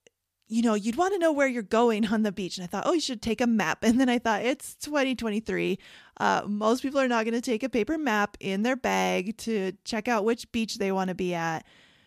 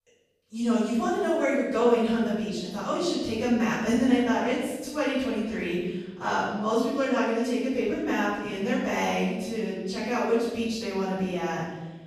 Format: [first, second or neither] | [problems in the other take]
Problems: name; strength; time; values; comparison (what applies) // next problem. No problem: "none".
first | off-mic speech; far // room echo; strong; dies away in 1.1 s